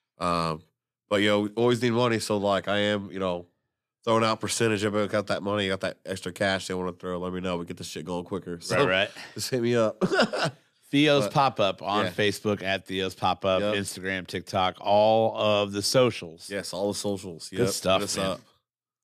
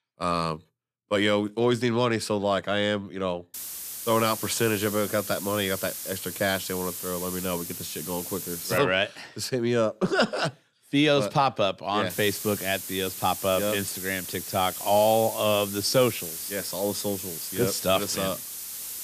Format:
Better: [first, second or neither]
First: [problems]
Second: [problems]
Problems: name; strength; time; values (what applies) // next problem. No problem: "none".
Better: first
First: none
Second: hiss; loud; from 3.5 to 9 s and from 12 s on; 7 dB below the speech